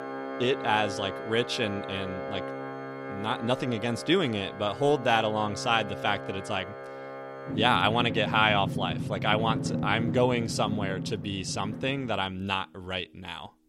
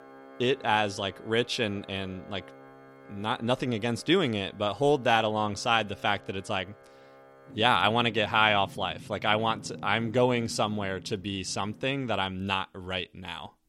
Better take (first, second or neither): second